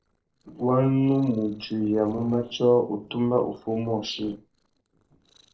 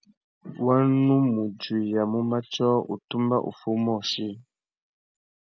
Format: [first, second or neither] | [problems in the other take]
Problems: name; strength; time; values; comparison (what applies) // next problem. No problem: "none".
second | noise reduction (neural separator model SepFormer DNS4)